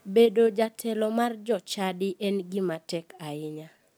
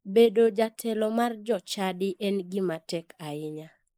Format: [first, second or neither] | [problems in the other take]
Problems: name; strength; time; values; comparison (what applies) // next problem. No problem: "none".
first | noise reduction (neural mask model Resemble Enhance denoiser)